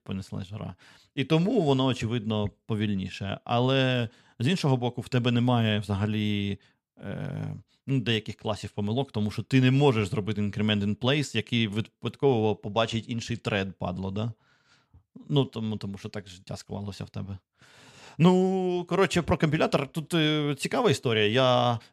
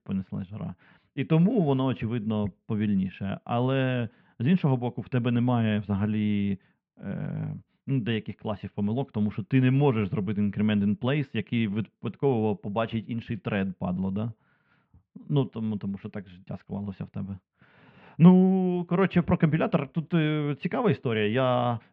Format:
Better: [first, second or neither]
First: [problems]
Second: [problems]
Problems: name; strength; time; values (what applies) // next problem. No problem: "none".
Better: first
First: none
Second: muffled; very; fading above 2.5 kHz